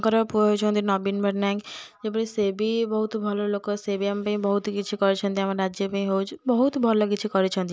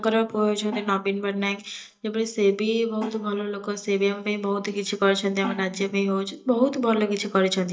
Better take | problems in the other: first | noise reduction (neural mask model DeepFilterNet 3)

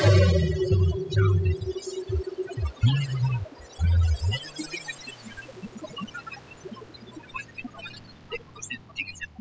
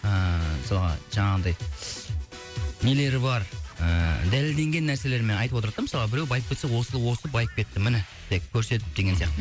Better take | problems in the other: second | noise reduction (classical method spectral subtraction)

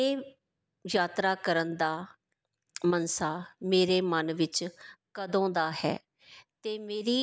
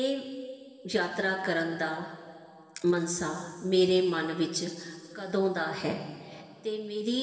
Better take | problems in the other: first | room echo; dies away in 2.5 s

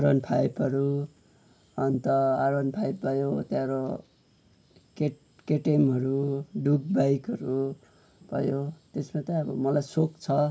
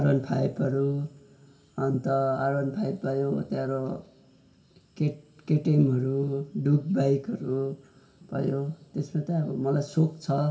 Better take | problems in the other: first | room echo; dies away in 1.4 s

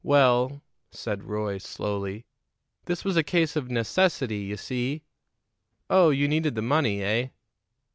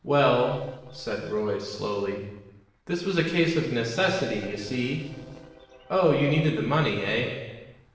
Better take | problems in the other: first | noise reduction (neural separator model SepFormer DNS4)

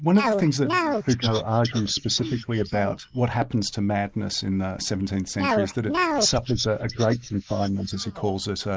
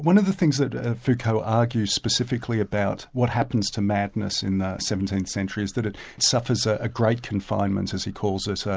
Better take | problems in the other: second | noise reduction (neural mask model Resemble Enhance denoiser)

